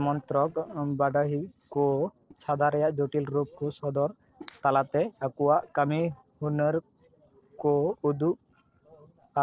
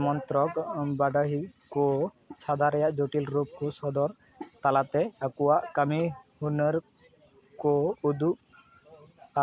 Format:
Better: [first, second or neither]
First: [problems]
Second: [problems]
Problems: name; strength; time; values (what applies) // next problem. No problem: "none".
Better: second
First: noise reduction (neural separator model SepFormer DNS4)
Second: none